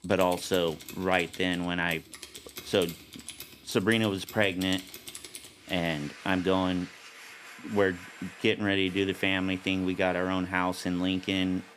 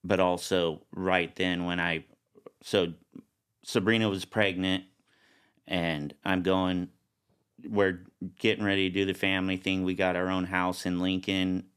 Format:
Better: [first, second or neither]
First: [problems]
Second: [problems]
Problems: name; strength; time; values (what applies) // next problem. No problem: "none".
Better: second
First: household noises; noticeable; throughout; 15 dB below the speech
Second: none